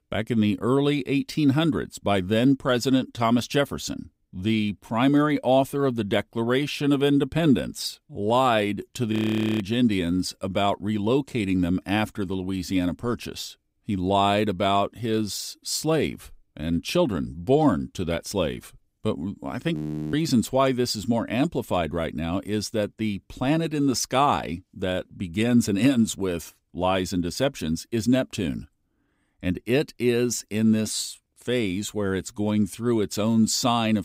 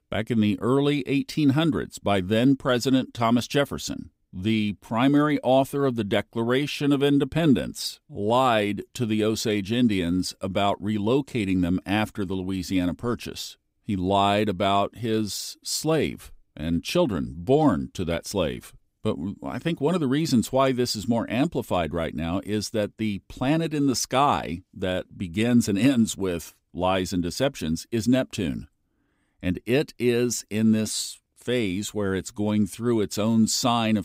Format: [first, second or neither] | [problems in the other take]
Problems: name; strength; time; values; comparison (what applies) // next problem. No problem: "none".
second | audio freezing; at 9 s and at 20 s